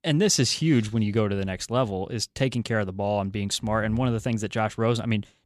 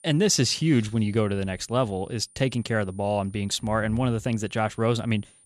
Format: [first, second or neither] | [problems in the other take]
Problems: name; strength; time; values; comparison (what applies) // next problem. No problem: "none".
first | high-pitched whine; faint; throughout; 9.5 kHz, 30 dB below the speech